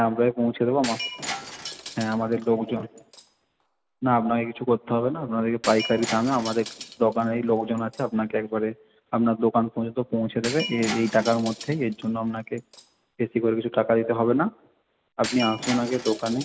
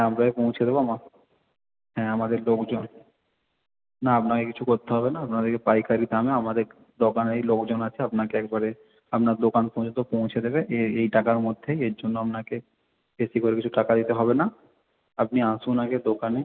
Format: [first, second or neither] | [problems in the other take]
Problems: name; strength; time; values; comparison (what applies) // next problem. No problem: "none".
second | background sound (Shatter); 14 dB below the speech